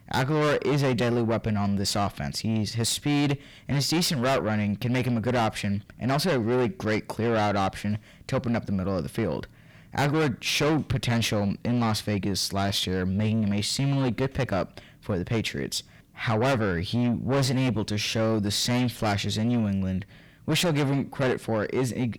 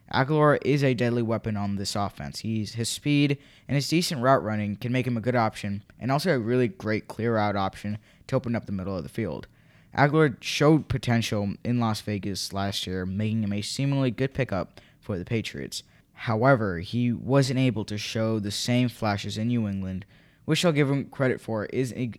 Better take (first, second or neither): second